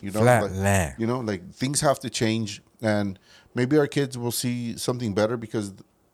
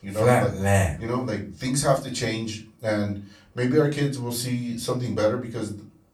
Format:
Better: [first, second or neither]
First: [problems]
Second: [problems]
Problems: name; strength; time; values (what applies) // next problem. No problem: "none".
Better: first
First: none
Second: off-mic speech; far // room echo; very slight; dies away in 0.3 s